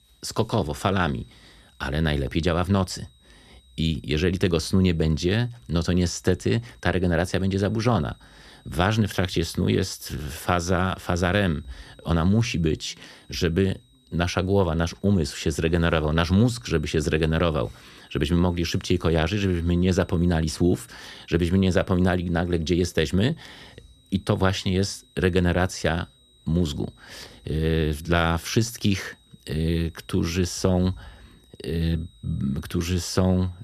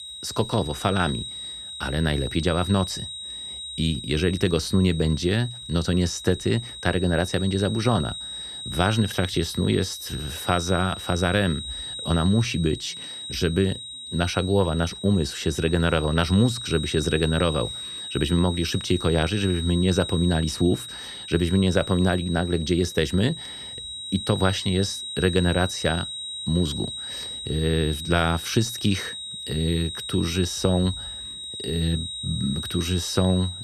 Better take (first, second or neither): first